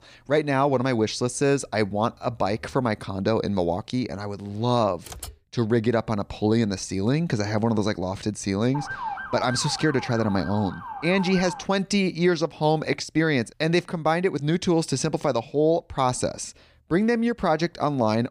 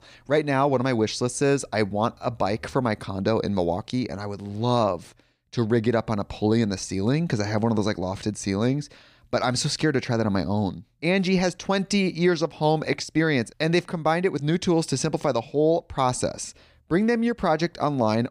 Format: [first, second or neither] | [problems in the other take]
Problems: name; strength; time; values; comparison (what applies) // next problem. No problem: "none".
second | keyboard typing; faint; at 5 s; peak 15 dB below the speech // siren; noticeable; from 8.5 to 12 s; peak 7 dB below the speech